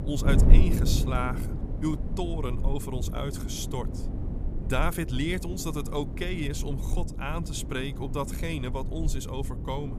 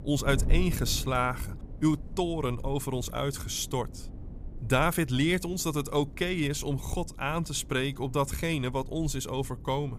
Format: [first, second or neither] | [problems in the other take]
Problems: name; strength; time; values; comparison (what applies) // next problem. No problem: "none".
second | wind noise on the microphone; heavy; 7 dB below the speech; occasional gusts in the second